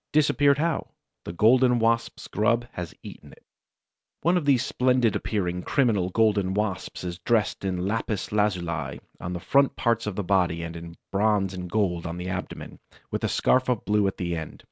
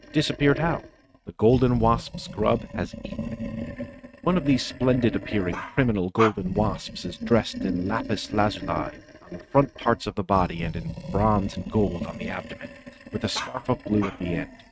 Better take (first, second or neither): first